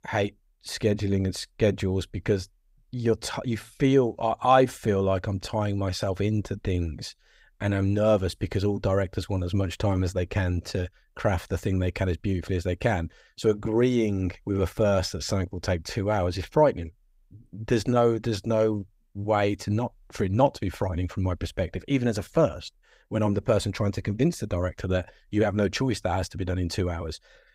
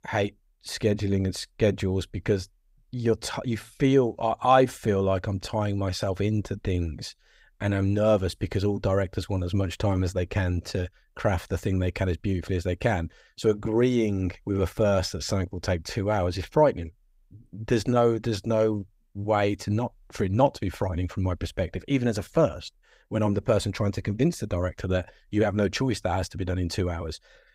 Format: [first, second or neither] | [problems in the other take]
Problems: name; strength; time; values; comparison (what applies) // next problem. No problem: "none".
neither | none